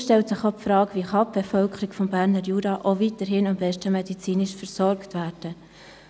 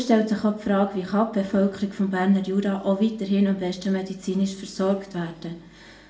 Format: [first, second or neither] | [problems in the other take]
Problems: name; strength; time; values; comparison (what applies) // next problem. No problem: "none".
first | room echo; dies away in 0.4 s